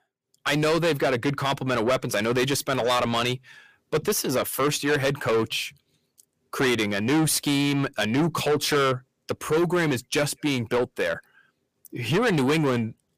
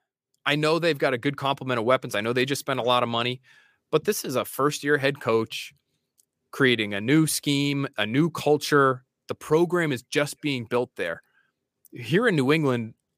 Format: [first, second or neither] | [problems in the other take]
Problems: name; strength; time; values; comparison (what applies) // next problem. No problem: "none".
second | distortion; heavy; 7 dB below the speech